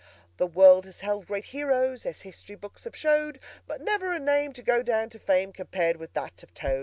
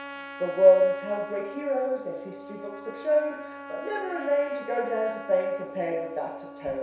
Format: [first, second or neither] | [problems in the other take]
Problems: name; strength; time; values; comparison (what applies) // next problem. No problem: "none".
first | background sound (Trumpet); 14 dB below the speech // room echo; dies away in 0.7 s